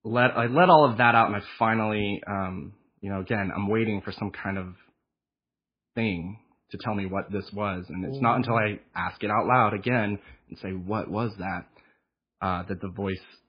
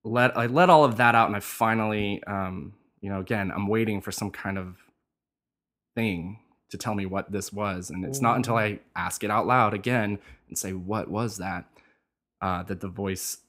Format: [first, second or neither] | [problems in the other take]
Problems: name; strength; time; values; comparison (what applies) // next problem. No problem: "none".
second | garbled, watery; badly; nothing above 4 kHz